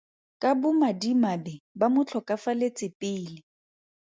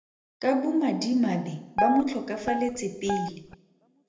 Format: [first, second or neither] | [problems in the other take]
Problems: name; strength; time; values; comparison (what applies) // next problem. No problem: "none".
first | background sound (Guitar); 3 dB below the speech // room echo; dies away in 0.9 s